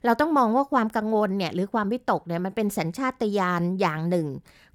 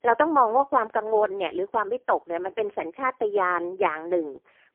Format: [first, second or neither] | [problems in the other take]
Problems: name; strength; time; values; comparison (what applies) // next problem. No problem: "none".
first | phone-call audio; poor line; nothing above 3.5 kHz